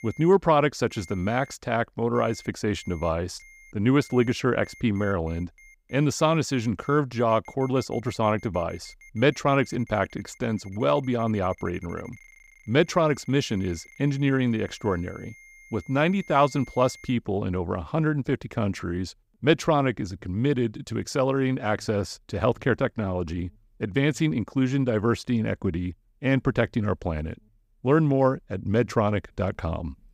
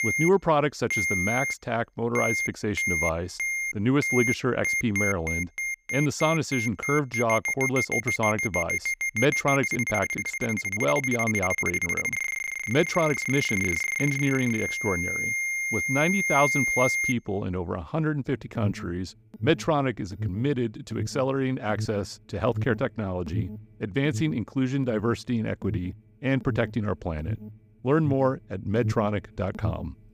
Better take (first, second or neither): first